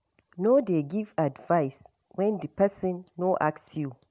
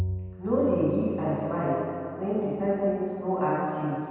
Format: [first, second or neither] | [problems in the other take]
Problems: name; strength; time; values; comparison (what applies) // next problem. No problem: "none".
first | background sound (Bowed string instrument); 12 dB below the speech // room echo; dies away in 2.1 s